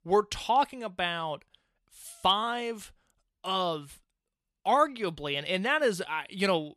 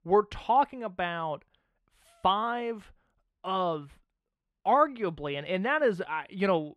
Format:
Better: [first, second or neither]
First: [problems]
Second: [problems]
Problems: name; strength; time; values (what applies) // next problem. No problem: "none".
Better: first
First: none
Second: muffled; very; fading above 3.5 kHz